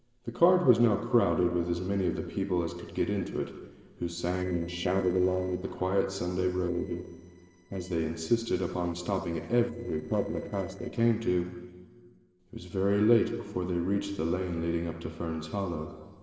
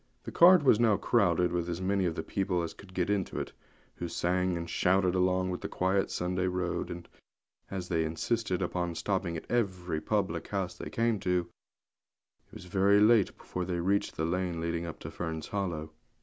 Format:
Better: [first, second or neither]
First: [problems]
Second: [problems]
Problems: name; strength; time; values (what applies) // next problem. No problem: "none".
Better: second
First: noise reduction (neural separator model SepFormer DNS4)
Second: none